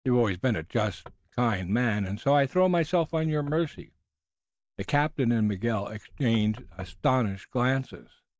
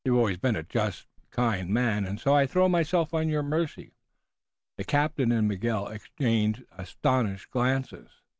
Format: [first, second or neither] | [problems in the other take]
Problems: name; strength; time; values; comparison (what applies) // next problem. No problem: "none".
second | noise reduction (neural mask model DeepFilterNet 3)